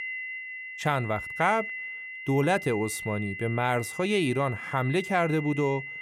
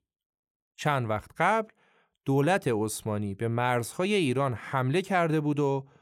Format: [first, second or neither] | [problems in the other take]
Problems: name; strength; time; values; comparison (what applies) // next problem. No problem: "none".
second | high-pitched whine; loud; throughout; 2 kHz, 9 dB below the speech